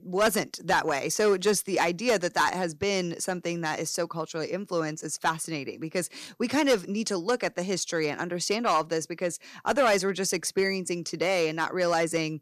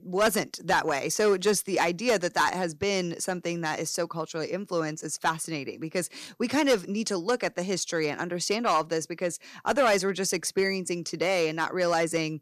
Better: neither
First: distortion; slight; 3% of the sound clipped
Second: distortion; slight; 3% of the sound clipped

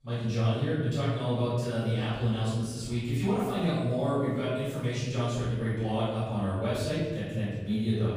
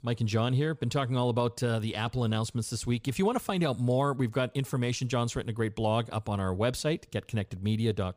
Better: second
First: off-mic speech; far // room echo; strong; dies away in 1.2 s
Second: none

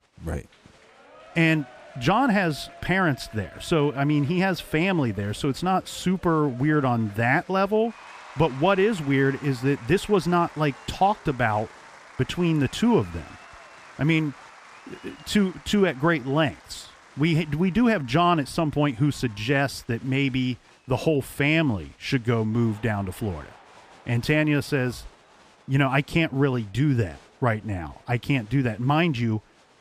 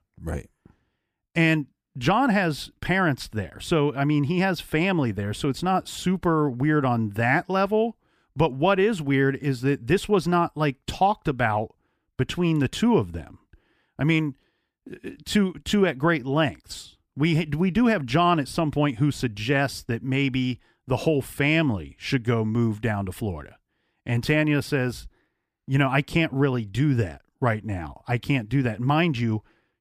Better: second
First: crowd noise; faint; throughout; 25 dB below the speech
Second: none

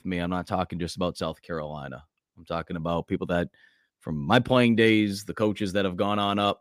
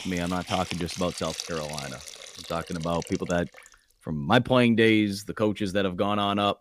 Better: first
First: none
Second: hiss; noticeable; throughout; 10 dB below the speech

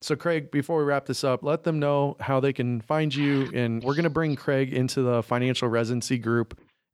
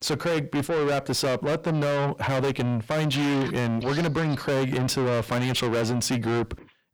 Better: first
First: none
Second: distortion; heavy; 5 dB below the speech

